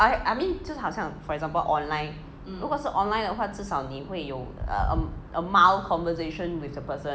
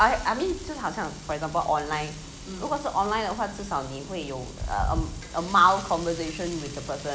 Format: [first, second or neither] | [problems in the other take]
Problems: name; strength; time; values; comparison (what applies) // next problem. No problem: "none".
first | background sound (Frying (food)); 18 dB below the speech